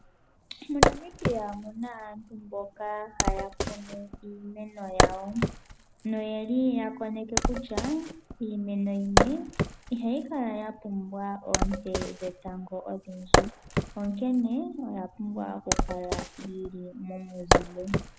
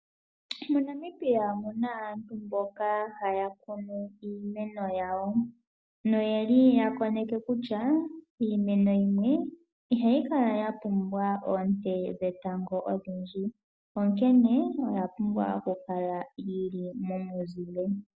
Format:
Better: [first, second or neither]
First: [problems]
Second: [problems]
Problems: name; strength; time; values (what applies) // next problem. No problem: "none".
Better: second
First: background sound (Wood); 3 dB above the speech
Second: none